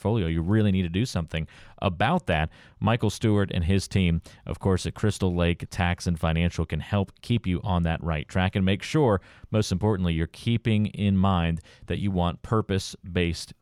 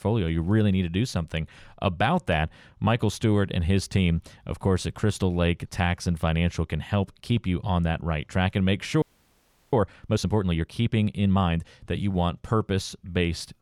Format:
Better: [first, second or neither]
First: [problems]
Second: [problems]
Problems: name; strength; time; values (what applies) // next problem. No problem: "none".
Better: first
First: none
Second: audio freezing; at 9 s for 0.5 s